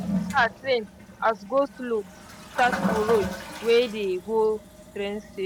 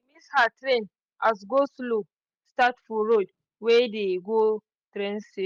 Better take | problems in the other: second | background sound (Toilet flush); 7 dB below the speech

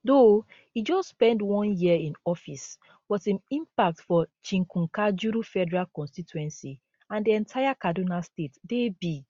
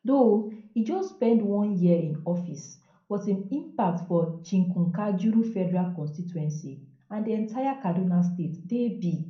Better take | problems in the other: first | room echo; dies away in 0.6 s

